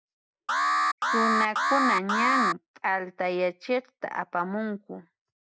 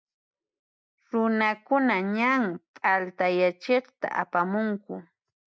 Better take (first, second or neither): second